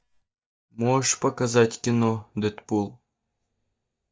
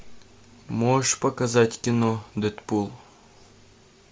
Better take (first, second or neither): second